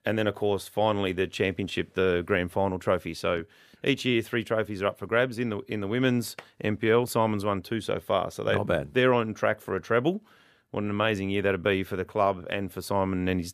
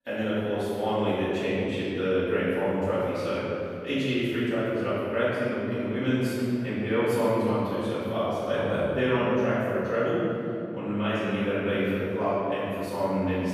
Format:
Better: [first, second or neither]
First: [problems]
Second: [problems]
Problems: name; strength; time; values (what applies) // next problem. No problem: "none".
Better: first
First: none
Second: off-mic speech; far // room echo; strong; dies away in 2.6 s